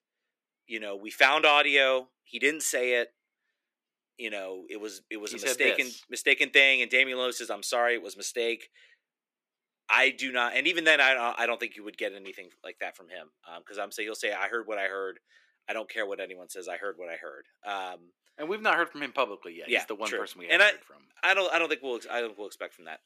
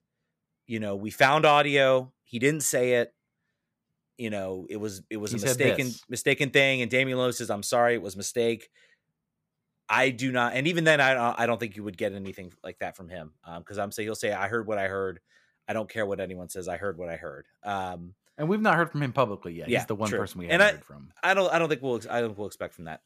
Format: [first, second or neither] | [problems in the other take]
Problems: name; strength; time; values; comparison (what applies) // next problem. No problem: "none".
second | thin; somewhat; fading below 300 Hz